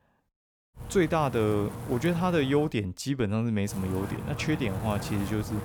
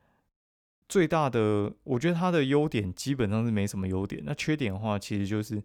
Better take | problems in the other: second | wind noise on the microphone; occasional gusts; from 1 to 2.5 s and from 3.5 s on; 10 dB below the speech

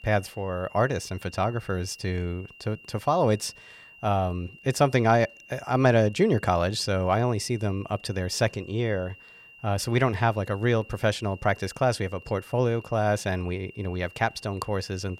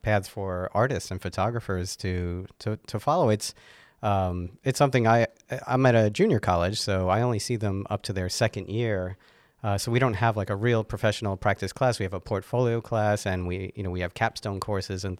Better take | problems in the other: second | high-pitched whine; faint; throughout; 3 kHz, 20 dB below the speech

